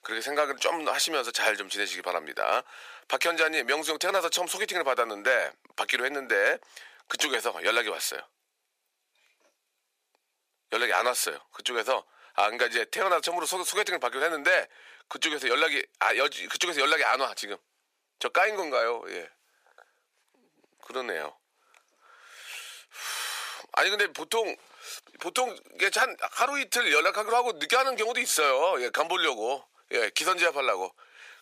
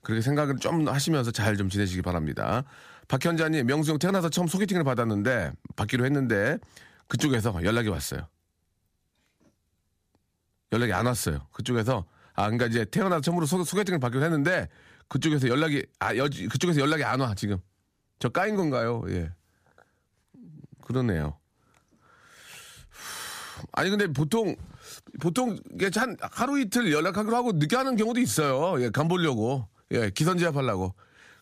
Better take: second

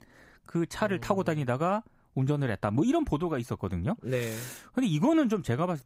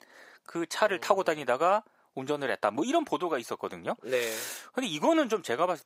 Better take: first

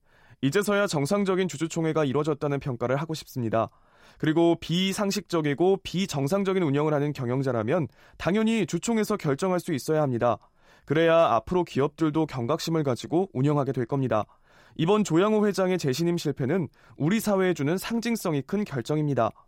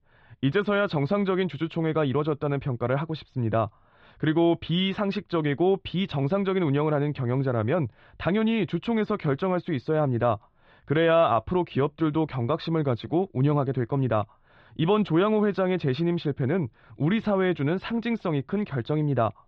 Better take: first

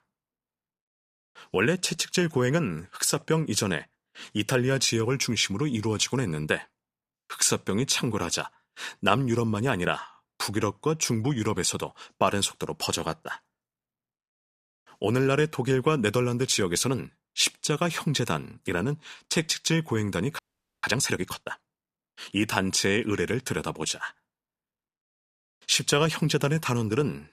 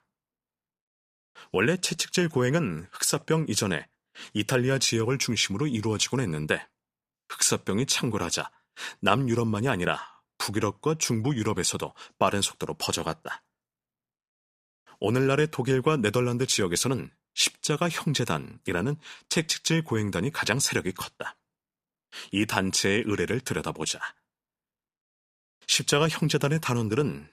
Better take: second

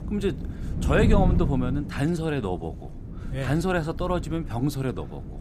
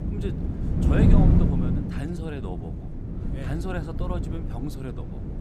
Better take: first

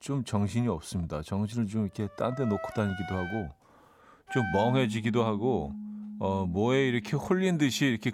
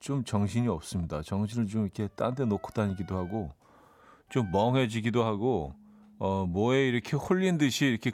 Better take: second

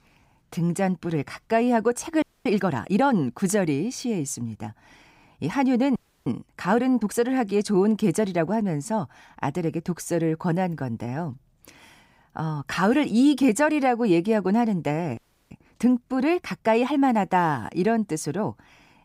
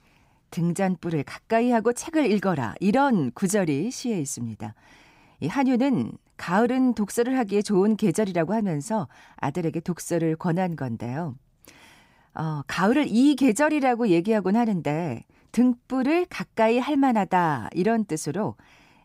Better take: second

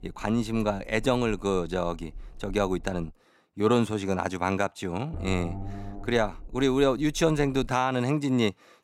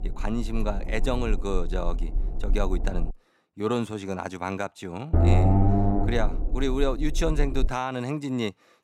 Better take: first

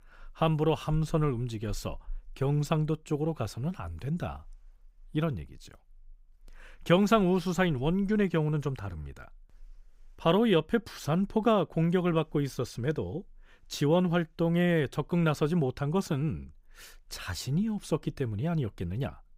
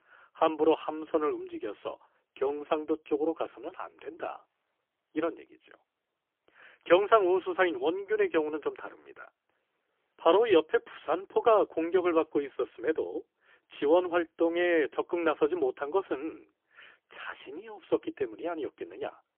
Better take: first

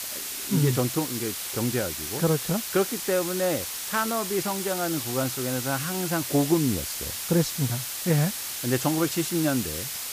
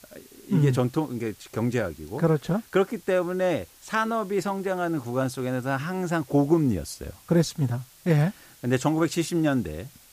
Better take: second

